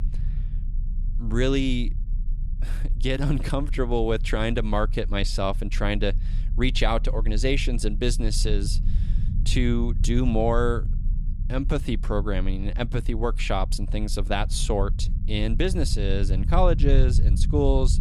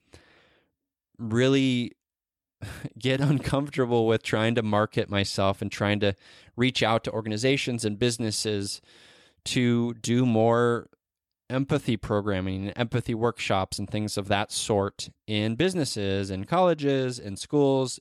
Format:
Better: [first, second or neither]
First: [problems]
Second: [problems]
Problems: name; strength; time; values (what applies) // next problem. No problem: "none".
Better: second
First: low rumble; noticeable; throughout; 15 dB below the speech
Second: none